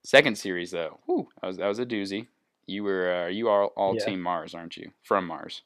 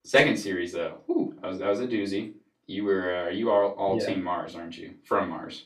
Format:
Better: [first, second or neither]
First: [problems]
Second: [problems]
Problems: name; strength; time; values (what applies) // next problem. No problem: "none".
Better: first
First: none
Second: off-mic speech; far // room echo; very slight; dies away in 0.2 s